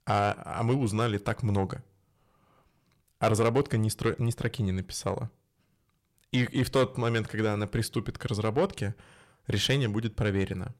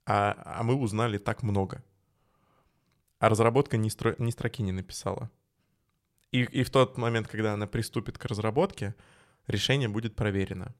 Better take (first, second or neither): second